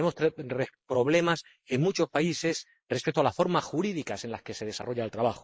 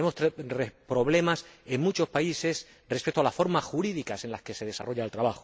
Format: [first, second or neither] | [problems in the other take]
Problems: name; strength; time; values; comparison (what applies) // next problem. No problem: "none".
second | noise reduction (neural mask model Resemble Enhance denoiser)